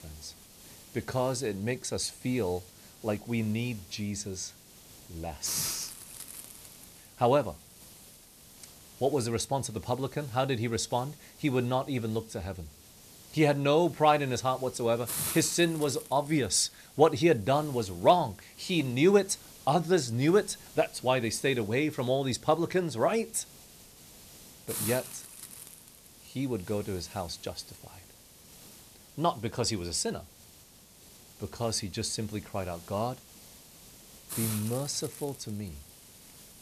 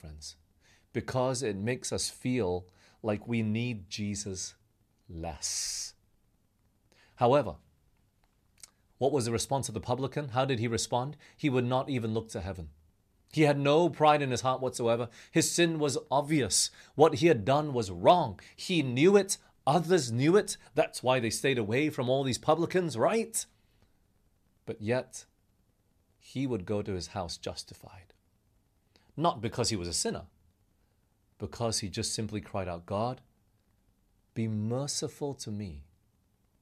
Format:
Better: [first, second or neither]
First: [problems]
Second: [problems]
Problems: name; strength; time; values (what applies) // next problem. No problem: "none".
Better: second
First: hiss; noticeable; throughout; 15 dB below the speech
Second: none